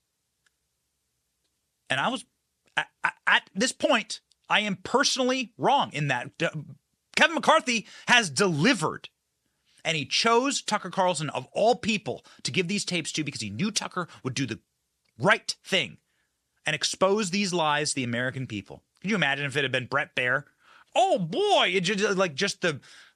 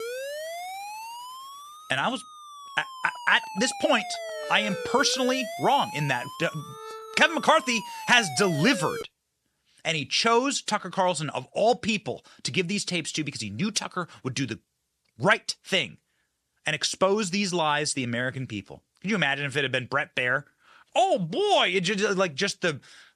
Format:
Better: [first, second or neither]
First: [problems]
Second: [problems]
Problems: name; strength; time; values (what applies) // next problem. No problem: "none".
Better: first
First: none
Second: siren; noticeable; until 9 s; peak 8 dB below the speech